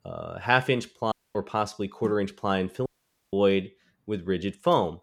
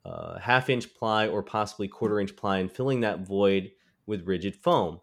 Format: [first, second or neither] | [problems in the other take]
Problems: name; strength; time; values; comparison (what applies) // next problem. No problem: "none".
second | audio cutting out; at 1 s and at 3 s